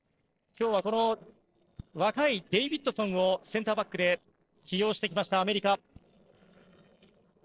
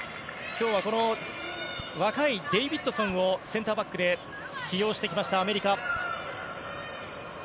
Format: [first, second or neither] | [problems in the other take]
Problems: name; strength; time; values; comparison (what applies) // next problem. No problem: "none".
second | noise reduction (neural separator model SepFormer DNS4)